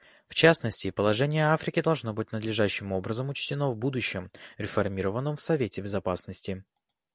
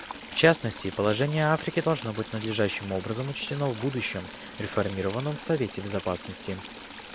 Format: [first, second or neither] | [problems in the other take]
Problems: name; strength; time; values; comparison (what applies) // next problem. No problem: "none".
first | background sound (Stream / Trickle, dribble); 14 dB below the speech